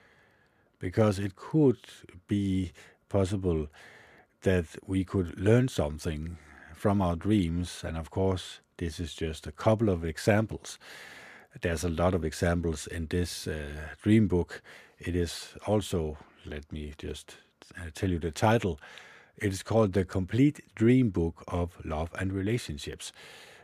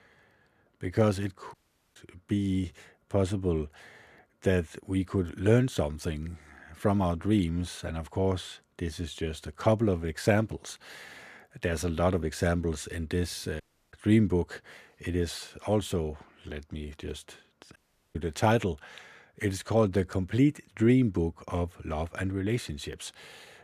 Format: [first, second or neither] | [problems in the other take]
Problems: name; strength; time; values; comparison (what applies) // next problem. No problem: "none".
first | audio cutting out; at 1.5 s, at 14 s and at 18 s